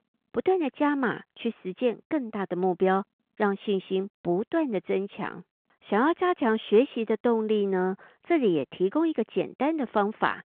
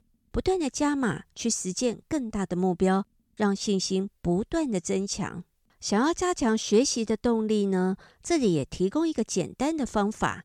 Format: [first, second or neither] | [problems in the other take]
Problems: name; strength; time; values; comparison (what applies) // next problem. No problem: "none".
second | phone-call audio